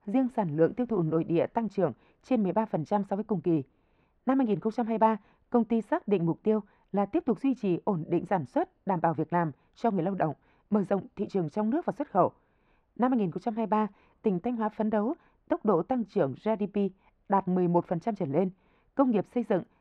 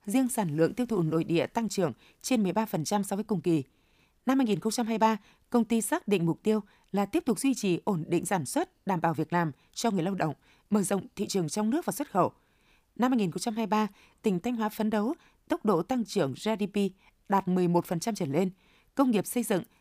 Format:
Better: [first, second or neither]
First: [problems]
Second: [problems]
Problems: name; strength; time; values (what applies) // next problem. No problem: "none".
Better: second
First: muffled; very; fading above 1.5 kHz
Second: none